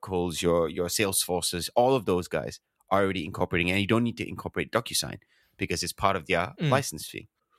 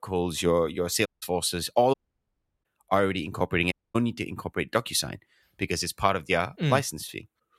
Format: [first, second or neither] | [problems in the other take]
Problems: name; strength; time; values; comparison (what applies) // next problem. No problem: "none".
first | audio cutting out; at 1 s, at 2 s for 0.5 s and at 3.5 s